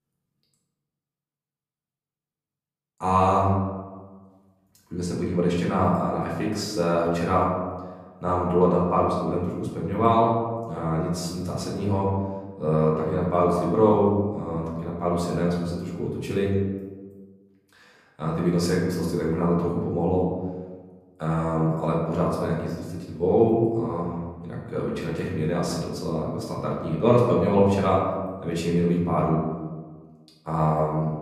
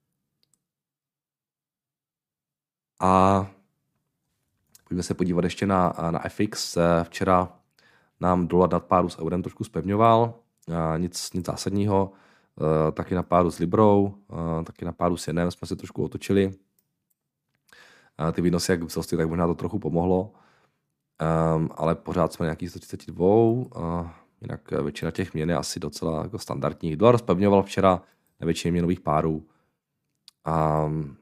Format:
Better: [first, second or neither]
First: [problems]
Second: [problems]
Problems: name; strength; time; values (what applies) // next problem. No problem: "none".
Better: second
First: room echo; noticeable; dies away in 1.2 s // off-mic speech; far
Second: none